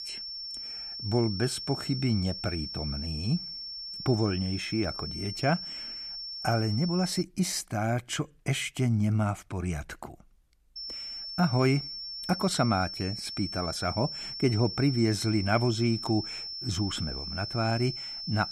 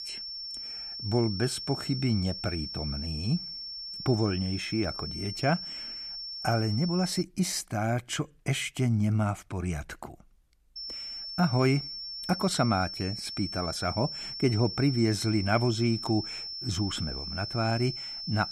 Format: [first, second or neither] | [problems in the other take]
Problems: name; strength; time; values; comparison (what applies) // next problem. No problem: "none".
neither | high-pitched whine; loud; until 7 s and from 11 s on; 5.5 kHz, 6 dB below the speech; the same in both